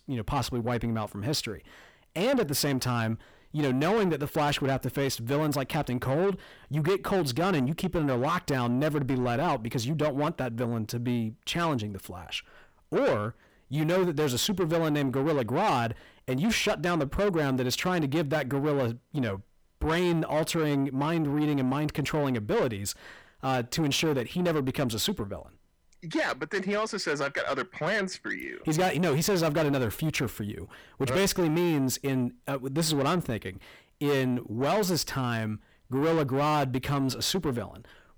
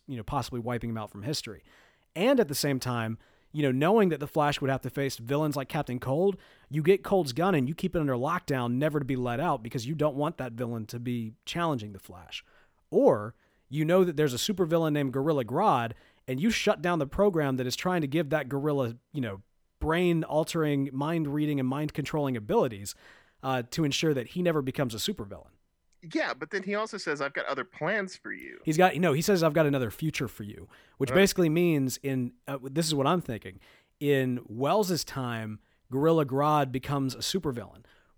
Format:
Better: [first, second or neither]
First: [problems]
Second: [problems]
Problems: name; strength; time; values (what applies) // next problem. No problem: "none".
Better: second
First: distortion; heavy; 8 dB below the speech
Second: none